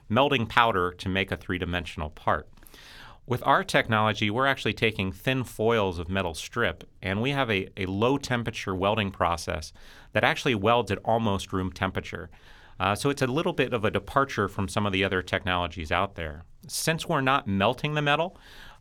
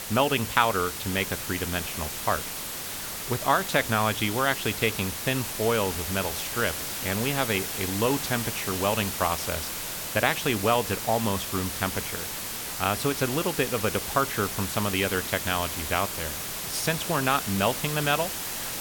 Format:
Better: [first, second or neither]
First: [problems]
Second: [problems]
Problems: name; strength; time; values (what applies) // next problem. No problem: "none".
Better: first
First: none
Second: hiss; loud; throughout; 4 dB below the speech